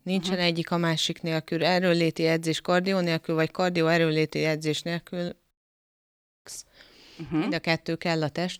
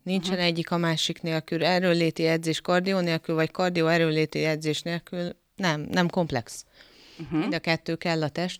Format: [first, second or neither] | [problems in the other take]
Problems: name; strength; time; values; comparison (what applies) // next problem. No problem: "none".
second | audio cutting out; at 5.5 s for 1 s